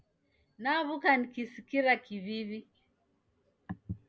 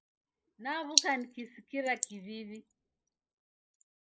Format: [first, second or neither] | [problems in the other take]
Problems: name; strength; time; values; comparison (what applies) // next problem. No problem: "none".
first | noise reduction (neural mask model Resemble Enhance denoiser)